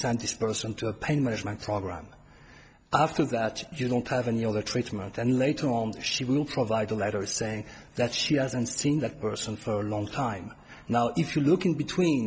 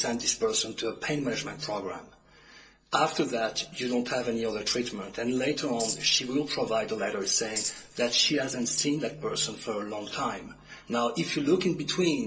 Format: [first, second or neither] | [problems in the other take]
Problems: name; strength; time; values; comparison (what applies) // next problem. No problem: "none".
first | noise reduction (neural separator model SepFormer DNS4)